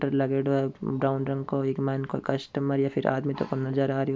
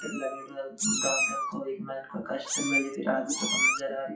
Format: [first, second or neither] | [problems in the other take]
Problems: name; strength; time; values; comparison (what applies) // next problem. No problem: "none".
first | noise reduction (classical method WPE with log-MMSE)